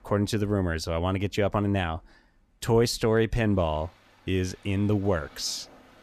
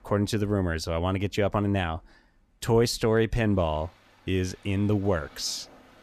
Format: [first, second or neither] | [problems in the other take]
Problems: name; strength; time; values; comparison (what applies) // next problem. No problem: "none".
neither | rain or running water; faint; throughout; 25 dB below the speech; the same in both